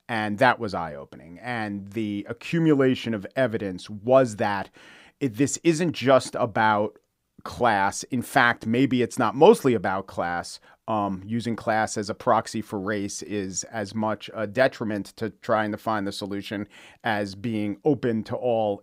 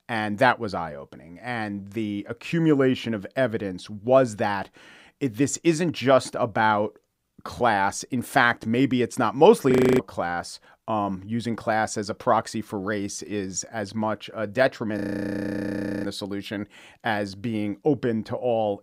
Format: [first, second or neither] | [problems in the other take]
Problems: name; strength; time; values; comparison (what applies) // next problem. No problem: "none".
first | audio freezing; at 9.5 s and at 15 s for 1 s